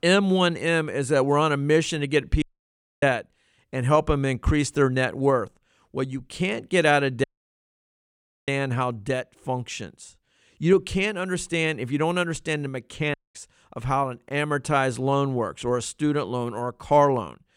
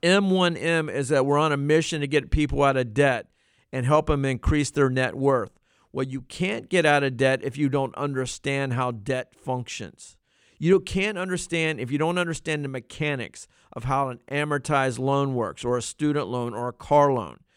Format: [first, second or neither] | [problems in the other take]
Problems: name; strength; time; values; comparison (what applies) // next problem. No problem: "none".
second | audio cutting out; at 2.5 s for 0.5 s, at 7 s for 1 s and at 13 s